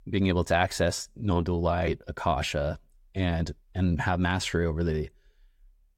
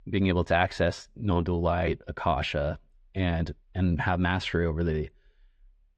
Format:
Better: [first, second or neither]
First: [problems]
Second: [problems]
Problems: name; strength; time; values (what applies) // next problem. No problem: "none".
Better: first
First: none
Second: muffled; slightly; fading above 3 kHz